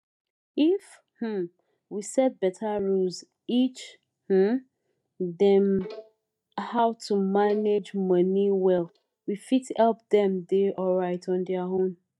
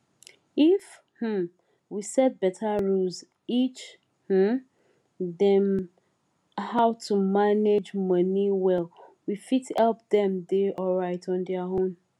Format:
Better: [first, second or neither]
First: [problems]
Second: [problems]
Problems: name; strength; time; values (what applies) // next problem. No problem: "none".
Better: second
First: noise reduction (neural mask model DeepFilterNet 3)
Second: none